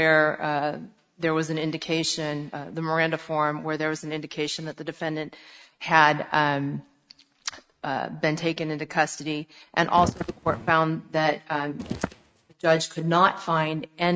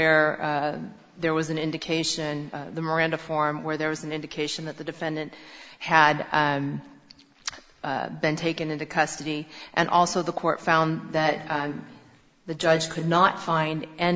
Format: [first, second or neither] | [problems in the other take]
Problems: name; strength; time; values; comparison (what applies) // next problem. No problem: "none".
second | noise reduction (neural mask model RNNoise)